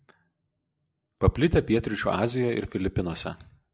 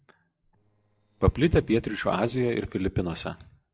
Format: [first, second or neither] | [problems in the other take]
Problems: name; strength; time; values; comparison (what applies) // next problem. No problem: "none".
first | noise reduction (neural separator model SepFormer DNS4)